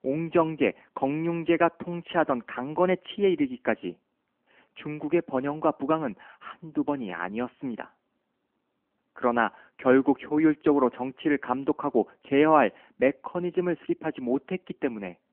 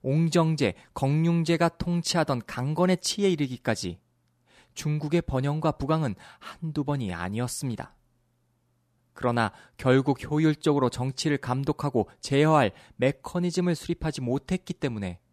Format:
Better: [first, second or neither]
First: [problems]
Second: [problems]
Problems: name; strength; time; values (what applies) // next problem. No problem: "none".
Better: second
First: phone-call audio; nothing above 3 kHz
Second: none